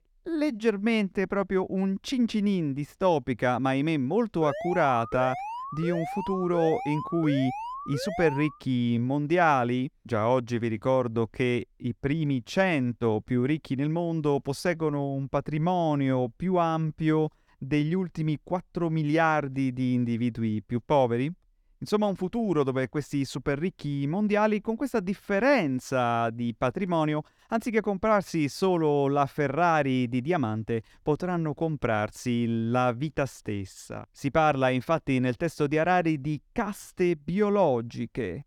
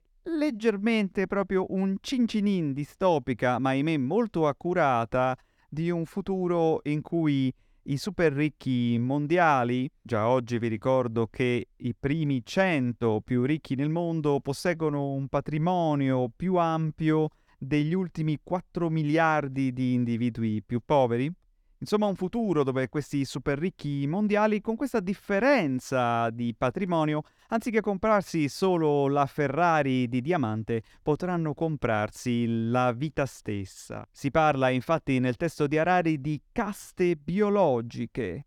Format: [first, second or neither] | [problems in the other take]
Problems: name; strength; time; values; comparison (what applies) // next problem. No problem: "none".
second | alarm; noticeable; from 4.5 to 8.5 s; peak 8 dB below the speech